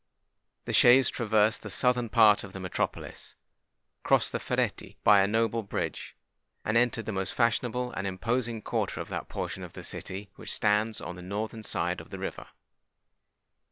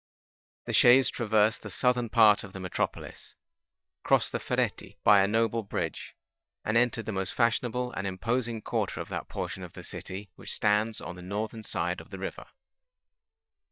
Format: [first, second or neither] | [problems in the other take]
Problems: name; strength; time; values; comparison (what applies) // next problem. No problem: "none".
first | noise reduction (neural mask model DeepFilterNet 3)